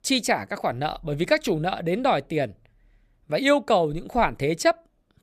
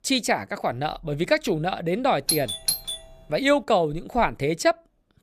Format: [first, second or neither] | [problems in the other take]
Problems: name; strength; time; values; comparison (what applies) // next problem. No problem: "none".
first | doorbell; noticeable; at 2.5 s; peak 1 dB below the speech